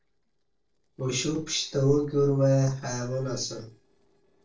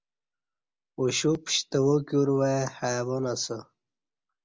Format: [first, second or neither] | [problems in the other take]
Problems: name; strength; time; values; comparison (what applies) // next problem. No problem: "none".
second | noise reduction (neural separator model SepFormer DNS4)